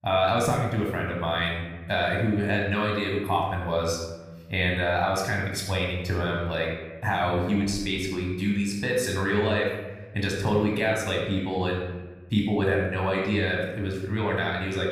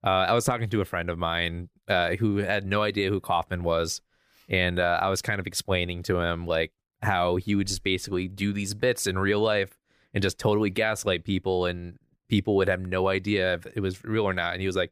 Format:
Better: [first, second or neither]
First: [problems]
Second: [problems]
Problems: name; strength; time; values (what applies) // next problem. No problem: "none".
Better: second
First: room echo; noticeable; dies away in 1 s // off-mic speech; somewhat distant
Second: none